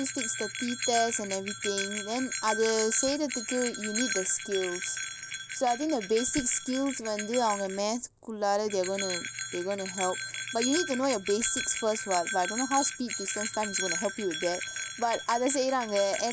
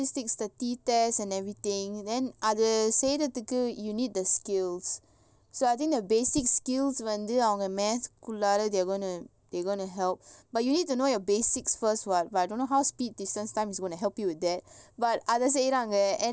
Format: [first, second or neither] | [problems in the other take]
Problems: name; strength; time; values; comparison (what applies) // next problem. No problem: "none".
second | background sound (Bell); 6 dB below the speech